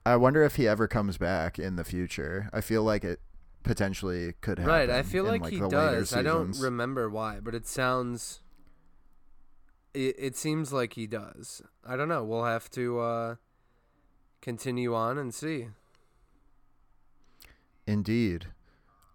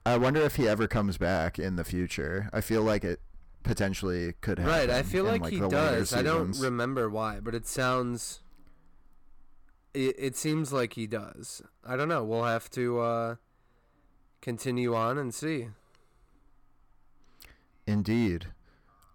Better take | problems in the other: first | distortion; slight; 5% of the sound clipped

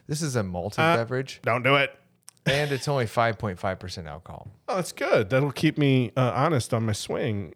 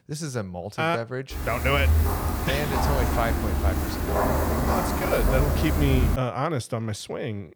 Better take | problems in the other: first | footsteps; loud; from 1.5 to 6 s; peak 6 dB above the speech

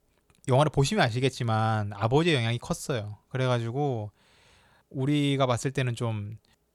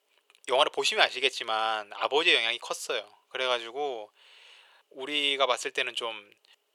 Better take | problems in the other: first | thin; very; fading below 450 Hz

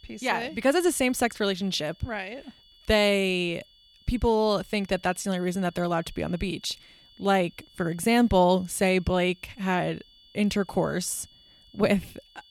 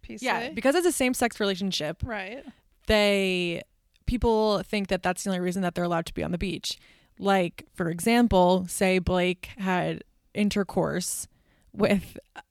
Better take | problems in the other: second | high-pitched whine; faint; throughout; 3.5 kHz, 30 dB below the speech

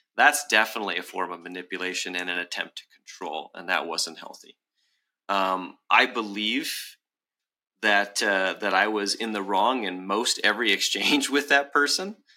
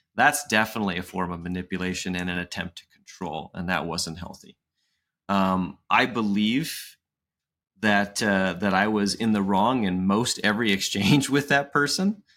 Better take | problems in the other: second | thin; somewhat; fading below 300 Hz

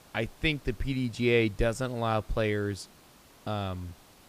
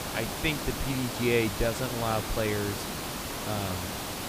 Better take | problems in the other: first | hiss; loud; throughout; 3 dB below the speech; faint in the first

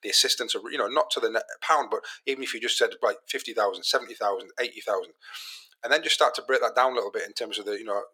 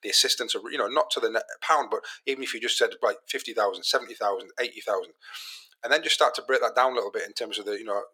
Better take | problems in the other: neither | thin; very; fading below 450 Hz; the same in both

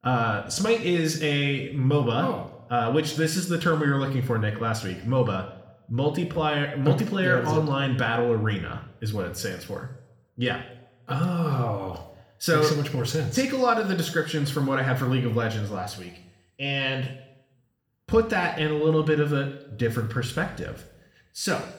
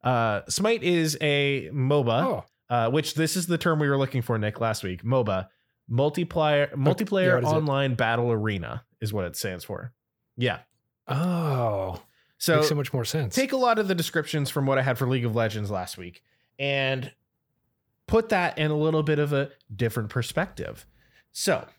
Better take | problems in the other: second | room echo; slight; dies away in 0.7 s

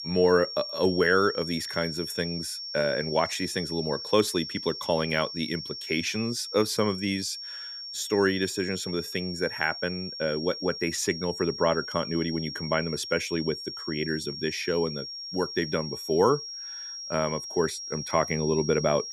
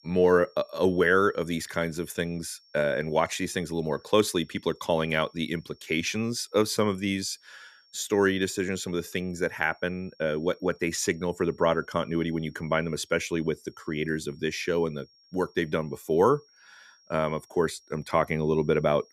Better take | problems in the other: second | high-pitched whine; loud; throughout; 5.5 kHz, 7 dB below the speech; faint in the second

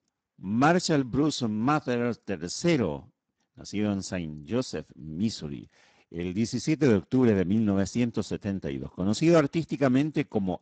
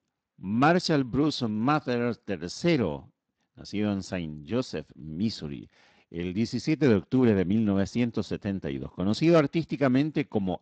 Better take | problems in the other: second | garbled, watery; badly; nothing above 8 kHz; slightly in the second

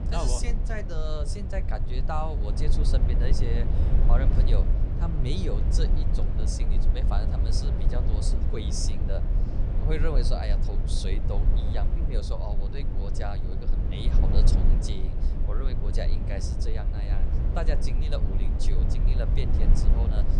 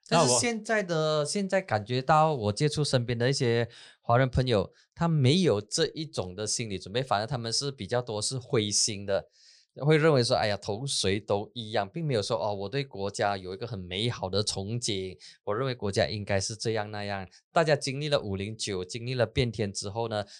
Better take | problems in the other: second | low rumble; loud; throughout; 4 dB below the speech

